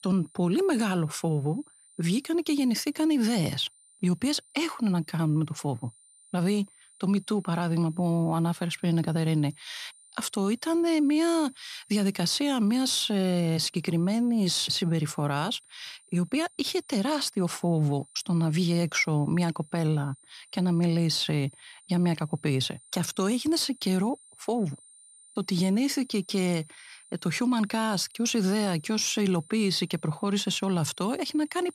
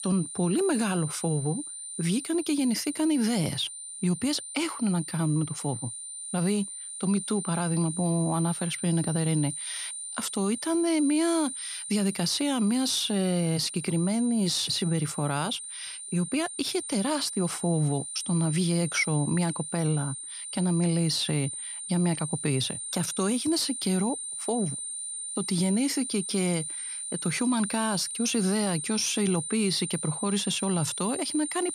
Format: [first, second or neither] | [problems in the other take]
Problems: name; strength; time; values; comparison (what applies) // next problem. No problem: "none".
first | high-pitched whine; loud; throughout; 9 kHz, 6 dB below the speech; faint in the first